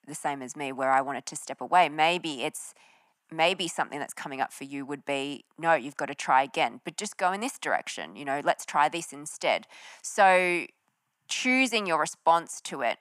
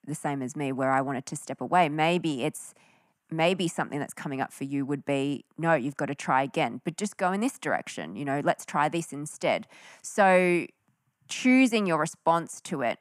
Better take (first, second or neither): second